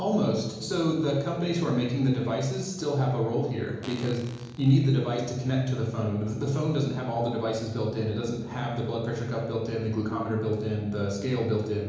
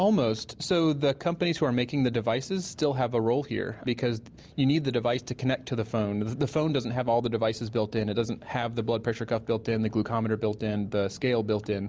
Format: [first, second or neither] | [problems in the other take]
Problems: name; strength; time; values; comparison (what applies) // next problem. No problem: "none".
second | background sound (Fart); 20 dB below the speech // room echo; dies away in 1 s